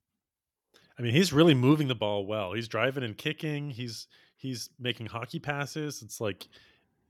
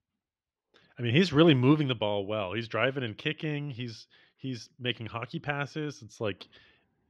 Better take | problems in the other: first | muffled; very slightly; fading above 3.5 kHz

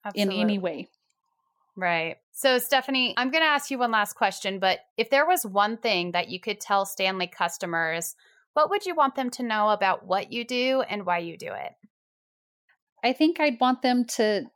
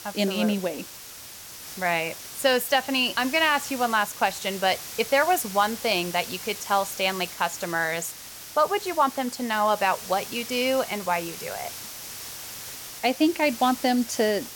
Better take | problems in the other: first | hiss; noticeable; throughout; 10 dB below the speech

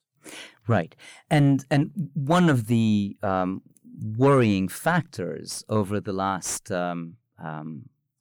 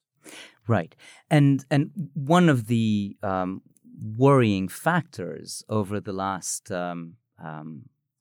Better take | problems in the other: second | distortion; slight; 10 dB below the speech

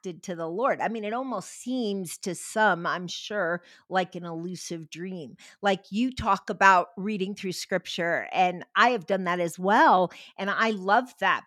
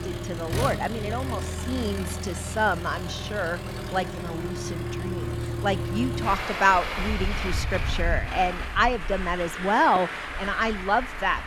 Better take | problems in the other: first | traffic noise; loud; throughout; 5 dB below the speech

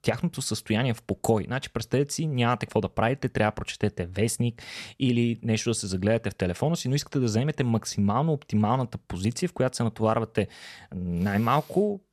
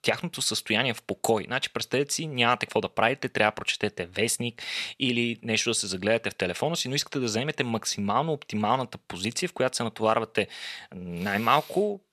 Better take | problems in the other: first | thin; somewhat; fading below 1 kHz

